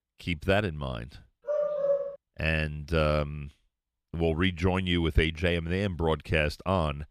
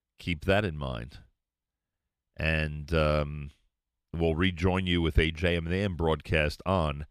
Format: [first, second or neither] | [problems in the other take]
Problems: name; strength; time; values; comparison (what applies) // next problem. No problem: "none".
second | dog barking; loud; at 1.5 s; peak 1 dB above the speech